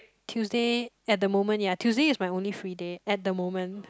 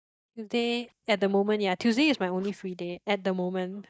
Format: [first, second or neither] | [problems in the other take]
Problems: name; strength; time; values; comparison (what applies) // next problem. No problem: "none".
first | noise reduction (neural mask model DeepFilterNet 3)